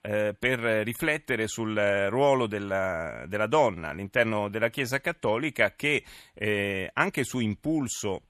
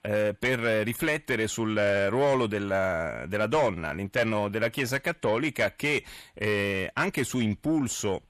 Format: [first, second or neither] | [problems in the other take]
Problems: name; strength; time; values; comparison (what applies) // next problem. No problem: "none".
first | distortion; slight; 10 dB below the speech